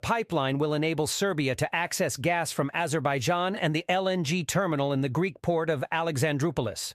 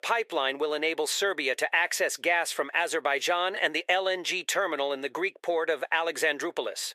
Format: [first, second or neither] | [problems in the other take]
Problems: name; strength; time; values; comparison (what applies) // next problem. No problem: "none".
first | thin; very; fading below 400 Hz